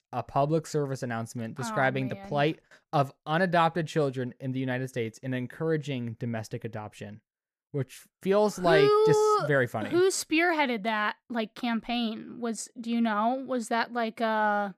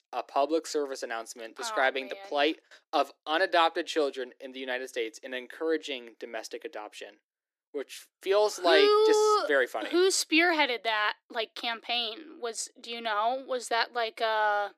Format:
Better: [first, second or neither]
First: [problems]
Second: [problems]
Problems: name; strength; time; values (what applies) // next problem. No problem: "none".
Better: first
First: none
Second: thin; very; fading below 300 Hz